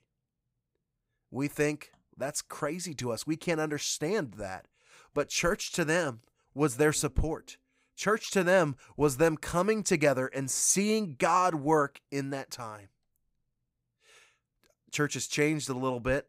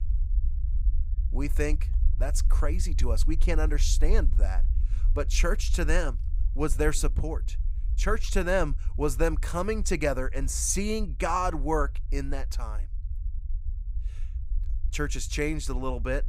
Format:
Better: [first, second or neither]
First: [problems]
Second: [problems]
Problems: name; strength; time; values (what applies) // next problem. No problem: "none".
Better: first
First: none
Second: low rumble; faint; throughout; 20 dB below the speech